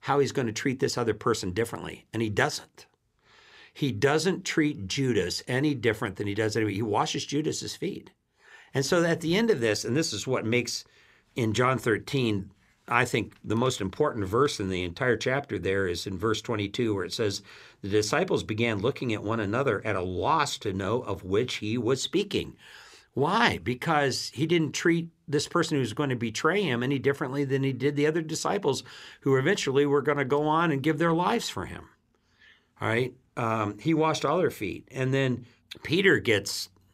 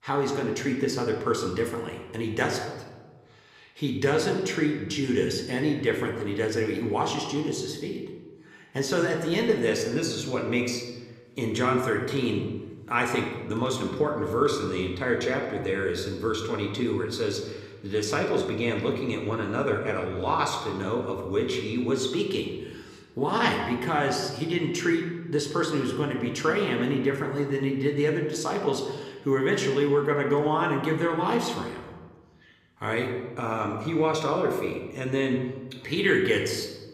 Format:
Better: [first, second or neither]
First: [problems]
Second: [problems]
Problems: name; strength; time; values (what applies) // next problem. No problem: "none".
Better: first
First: none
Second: room echo; slight; dies away in 1 s